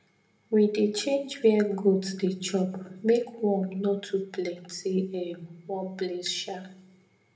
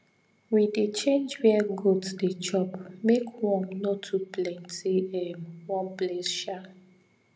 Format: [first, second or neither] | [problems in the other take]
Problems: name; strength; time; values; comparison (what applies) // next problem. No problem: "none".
second | room echo; dies away in 0.5 s